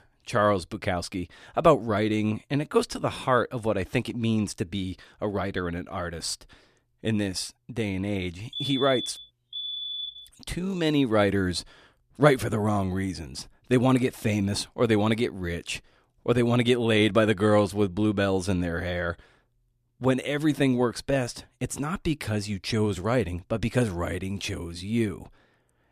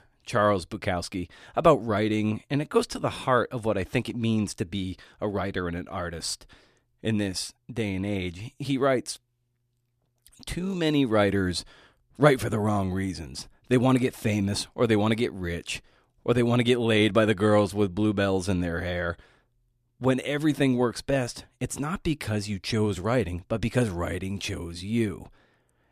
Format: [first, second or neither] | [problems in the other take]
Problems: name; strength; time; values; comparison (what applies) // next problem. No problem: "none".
second | alarm; noticeable; from 8.5 to 10 s; peak 3 dB below the speech